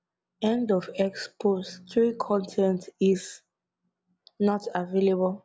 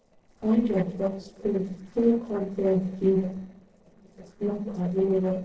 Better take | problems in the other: first | noise reduction (neural separator model SepFormer DNS4)

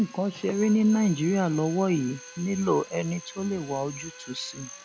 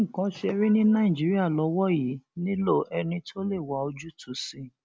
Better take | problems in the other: second | background sound (Drill); 18 dB below the speech

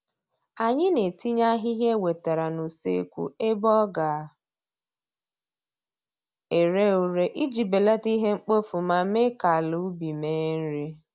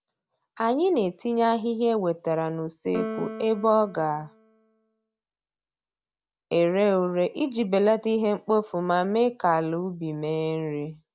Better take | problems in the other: first | background sound (Piano); 14 dB below the speech

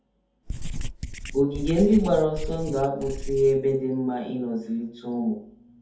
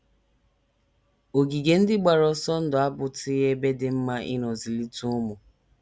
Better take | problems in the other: second | background sound (Writing); 7 dB below the speech // room echo; dies away in 0.6 s

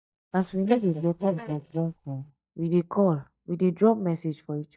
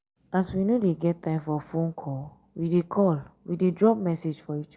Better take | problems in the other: second | noise reduction (neural mask model DeepFilterNet 3)

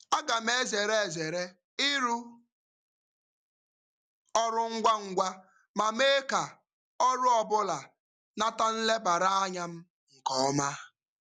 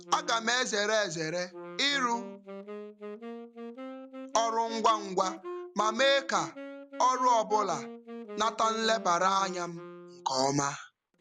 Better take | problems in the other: first | background sound (Wind instrument, woodwind instrument); 13 dB below the speech

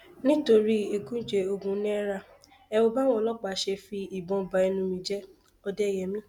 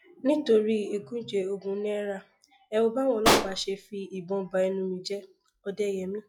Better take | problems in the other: first | noise reduction (classical method log-MMSE)

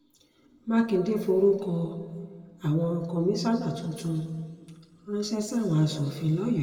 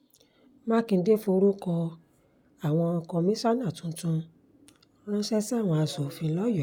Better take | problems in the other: second | room echo; dies away in 1.6 s

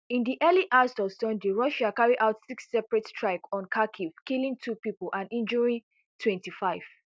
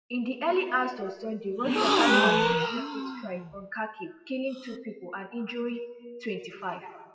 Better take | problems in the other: first | noise reduction (classical method WPE with log-MMSE)

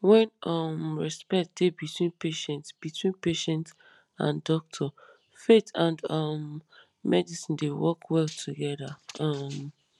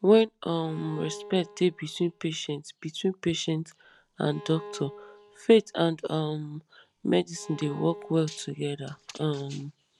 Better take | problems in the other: first | background sound (Bowed string instrument); 18 dB below the speech

